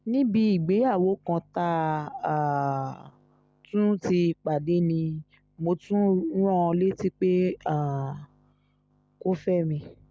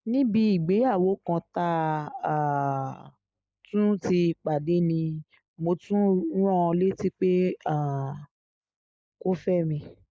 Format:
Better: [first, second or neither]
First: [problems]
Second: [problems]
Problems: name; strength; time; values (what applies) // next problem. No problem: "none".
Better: first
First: none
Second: noise reduction (neural mask model Resemble Enhance denoiser)